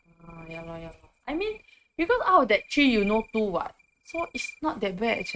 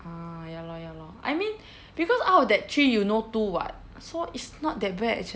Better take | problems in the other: second | noise reduction (neural mask model RNNoise)

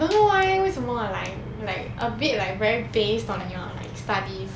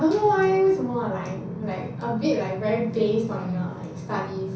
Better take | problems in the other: first | room echo; dies away in 0.6 s

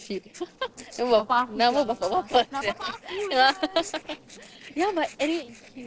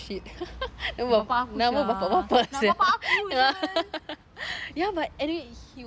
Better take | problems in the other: second | noise reduction (neural separator model SepFormer DNS4)

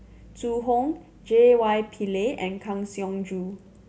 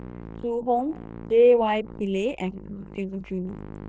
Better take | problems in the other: first | noise reduction (neural diffusion model UNIVERSE++)

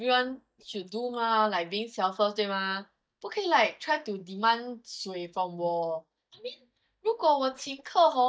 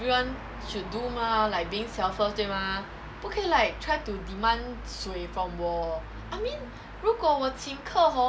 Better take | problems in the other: second | noise reduction (neural mask model DeepFilterNet 3)

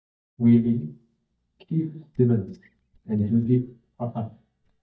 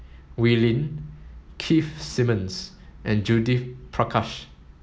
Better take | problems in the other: second | noise reduction (neural mask model DeepFilterNet 3)

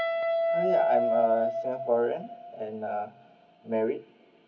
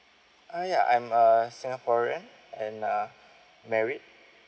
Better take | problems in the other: second | background sound (Guitar); as loud as the speech // room echo; dies away in 0.4 s

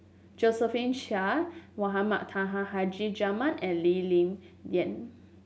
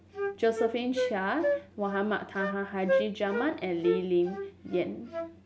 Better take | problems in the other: first | background sound (Wind instrument, woodwind instrument); 3 dB below the speech

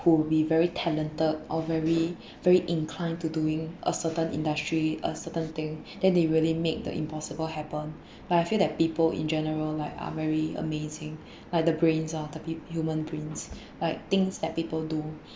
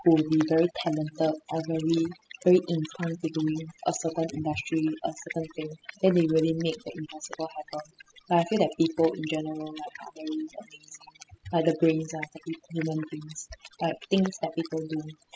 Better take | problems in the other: first | noise reduction (classical method spectral subtraction)

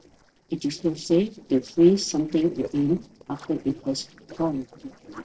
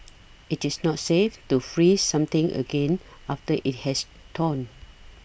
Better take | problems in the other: second | noise reduction (neural separator model SepFormer DNS4)

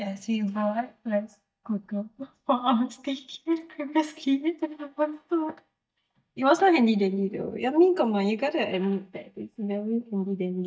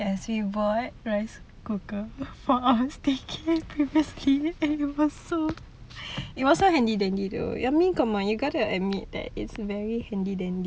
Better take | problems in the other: second | noise reduction (neural mask model DeepFilterNet 3)

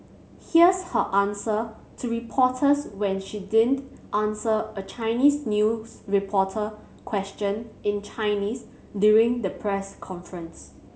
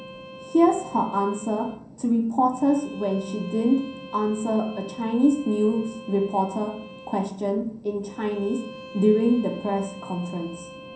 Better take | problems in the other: first | background sound (Bowed string instrument); 18 dB below the speech // room echo; dies away in 0.6 s

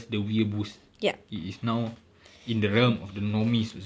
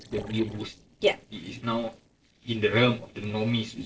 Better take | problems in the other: first | noise reduction (neural separator model SepFormer DNS4)

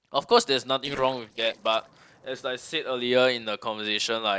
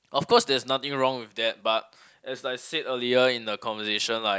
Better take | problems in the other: second | noise reduction (neural separator model SepFormer DNS4)

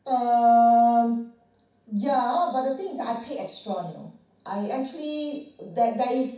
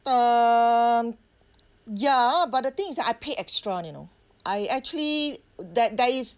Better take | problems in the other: second | room echo; dies away in 0.6 s

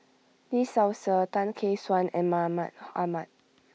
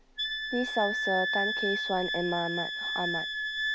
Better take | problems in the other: first | background sound (Wind instrument, woodwind instrument); 1 dB above the speech

